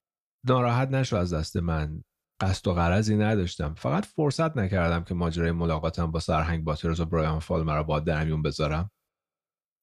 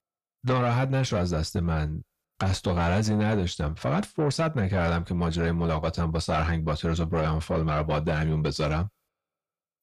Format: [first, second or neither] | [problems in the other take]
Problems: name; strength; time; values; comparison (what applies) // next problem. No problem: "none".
first | distortion; slight; 10 dB below the speech